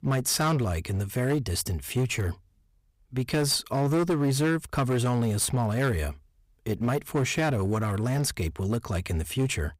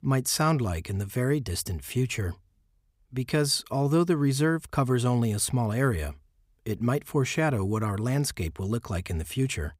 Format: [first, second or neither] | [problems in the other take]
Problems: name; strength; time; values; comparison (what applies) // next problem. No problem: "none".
second | distortion; slight; 13% of the sound clipped